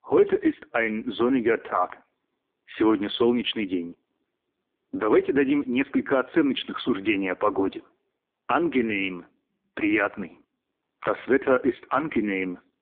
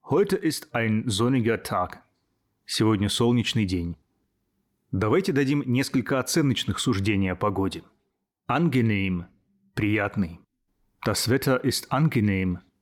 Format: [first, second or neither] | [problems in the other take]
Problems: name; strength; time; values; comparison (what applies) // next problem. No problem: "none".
second | phone-call audio; poor line; nothing above 3.5 kHz